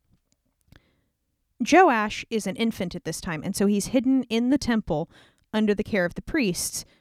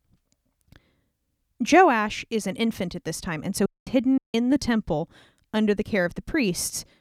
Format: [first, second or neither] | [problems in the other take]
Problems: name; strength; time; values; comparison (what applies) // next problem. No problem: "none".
first | audio cutting out; at 3.5 s and at 4 s